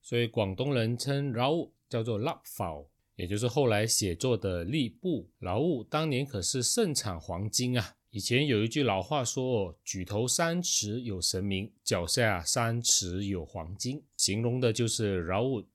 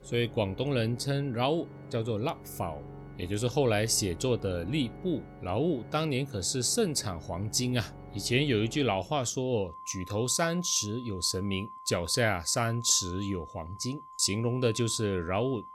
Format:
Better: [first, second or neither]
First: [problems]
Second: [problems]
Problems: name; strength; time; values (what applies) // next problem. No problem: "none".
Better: first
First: none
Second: background music; noticeable; throughout; 15 dB below the speech